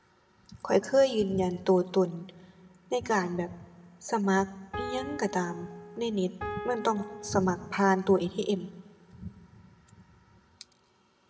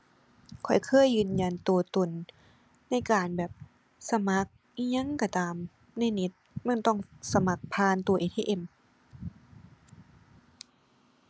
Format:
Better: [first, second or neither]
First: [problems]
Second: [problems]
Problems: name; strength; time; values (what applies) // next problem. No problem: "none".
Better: second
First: background sound (Piano); 10 dB below the speech // room echo; dies away in 0.9 s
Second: none